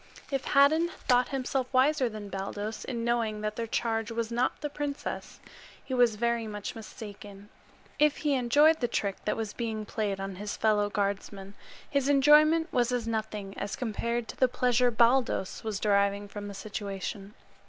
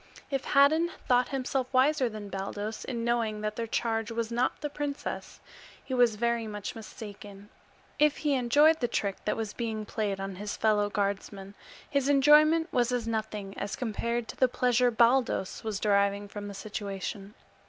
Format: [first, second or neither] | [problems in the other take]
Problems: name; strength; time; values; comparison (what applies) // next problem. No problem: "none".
second | background sound (Chewing, mastication); 12 dB below the speech